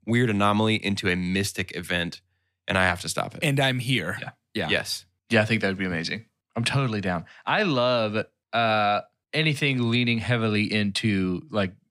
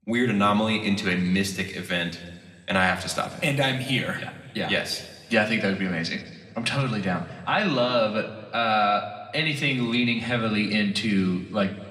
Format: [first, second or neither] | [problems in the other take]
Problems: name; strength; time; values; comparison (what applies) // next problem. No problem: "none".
first | room echo; slight; dies away in 2.1 s